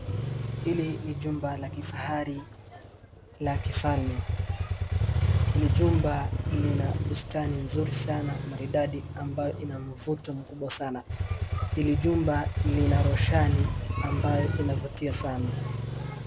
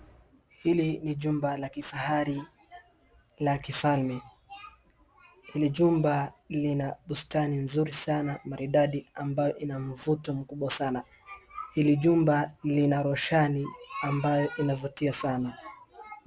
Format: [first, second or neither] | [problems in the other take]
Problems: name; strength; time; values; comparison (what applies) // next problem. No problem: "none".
second | background sound (Motorcycle); 2 dB above the speech